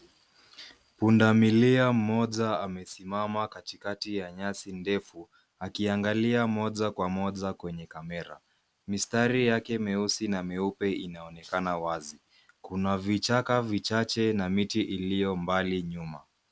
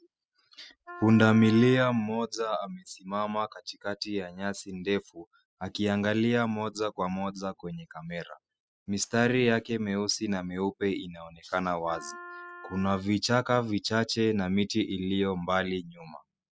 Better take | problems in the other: first | noise reduction (classical method spectral subtraction)

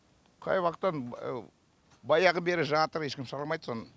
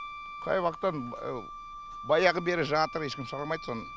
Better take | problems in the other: first | background sound (Wind instrument, woodwind instrument); 12 dB below the speech

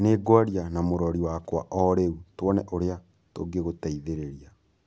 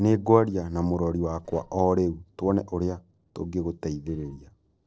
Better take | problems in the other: first | noise reduction (neural separator model SepFormer DNS4)

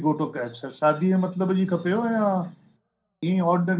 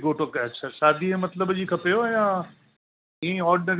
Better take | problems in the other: second | room echo; dies away in 0.3 s

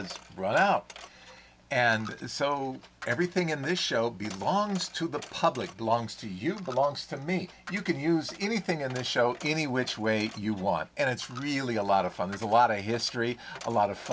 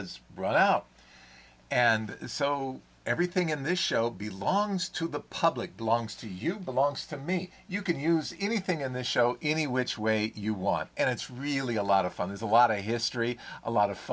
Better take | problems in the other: second | background sound (Coin (dropping)); 20 dB below the speech

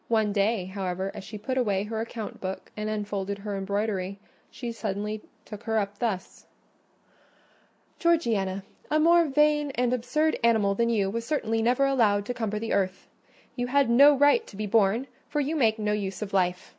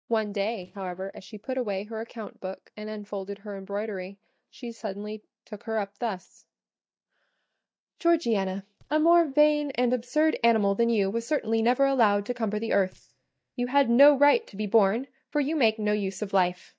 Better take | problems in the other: first | noise reduction (neural mask model DeepFilterNet 3)

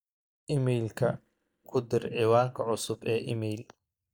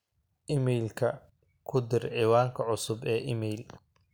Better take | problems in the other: second | noise reduction (neural mask model DeepFilterNet 3)

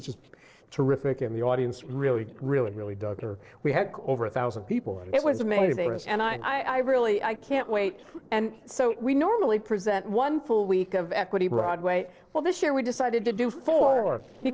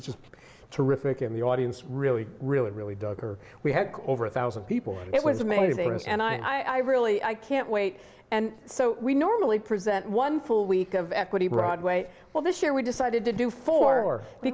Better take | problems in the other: second | noise reduction (neural separator model SepFormer DNS4)

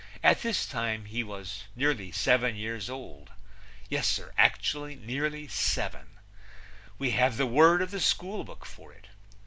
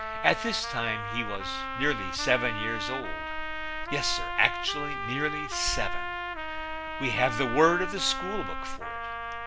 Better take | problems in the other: first | background sound (Trumpet); 5 dB below the speech

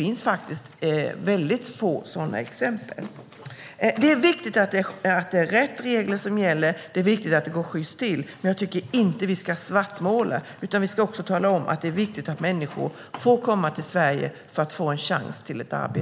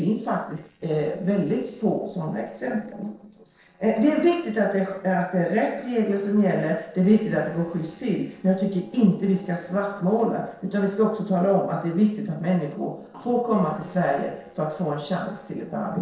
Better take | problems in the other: first | noise reduction (neural separator model SepFormer DNS4)

